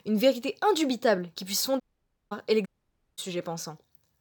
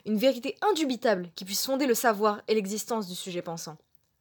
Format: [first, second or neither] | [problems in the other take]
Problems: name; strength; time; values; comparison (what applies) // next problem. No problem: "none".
second | audio cutting out; at 2 s for 0.5 s and at 2.5 s for 0.5 s